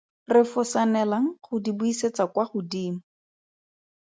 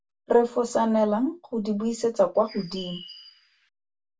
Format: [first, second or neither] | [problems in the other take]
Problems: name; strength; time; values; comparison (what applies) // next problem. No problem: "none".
first | background sound (Bird); 18 dB below the speech // room echo; dies away in 0.1 s